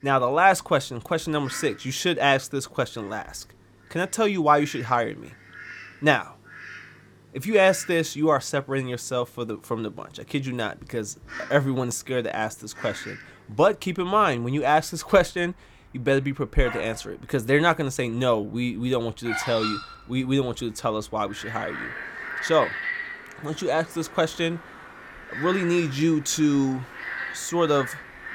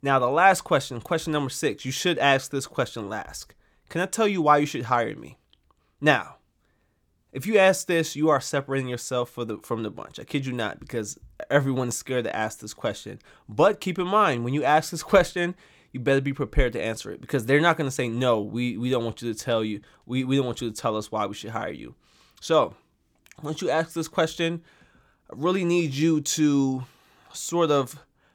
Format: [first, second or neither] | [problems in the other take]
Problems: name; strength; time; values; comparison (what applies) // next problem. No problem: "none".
second | animal sounds; noticeable; throughout; 10 dB below the speech